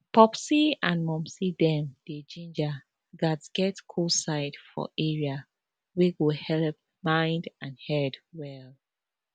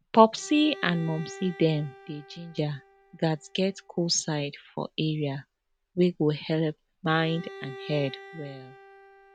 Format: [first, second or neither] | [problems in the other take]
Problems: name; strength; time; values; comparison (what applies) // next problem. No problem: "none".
first | background sound (Bowed string instrument); 19 dB below the speech